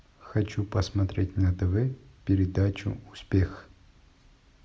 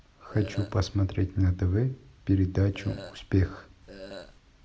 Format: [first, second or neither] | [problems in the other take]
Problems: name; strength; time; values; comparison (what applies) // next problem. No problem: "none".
first | background sound (Burping, eructation); 16 dB below the speech